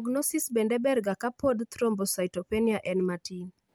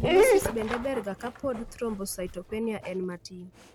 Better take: first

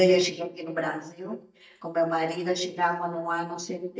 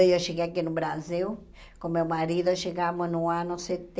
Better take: second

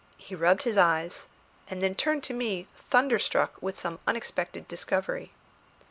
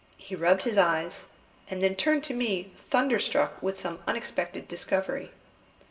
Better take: first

